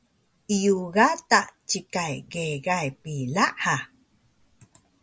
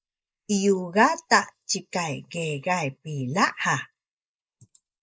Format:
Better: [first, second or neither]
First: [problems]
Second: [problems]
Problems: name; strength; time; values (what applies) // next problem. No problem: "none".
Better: first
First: none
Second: noise reduction (neural mask model Resemble Enhance denoiser)